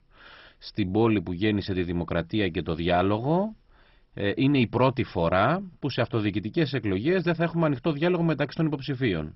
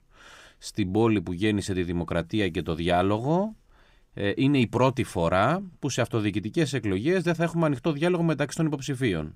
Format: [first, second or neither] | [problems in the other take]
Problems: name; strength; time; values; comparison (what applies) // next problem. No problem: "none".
second | garbled, watery; badly; nothing above 5.5 kHz